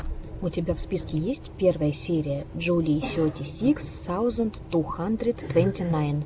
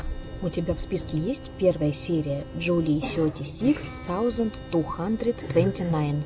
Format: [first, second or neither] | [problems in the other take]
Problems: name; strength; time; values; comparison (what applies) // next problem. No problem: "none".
first | background sound (Bowed string instrument); 19 dB below the speech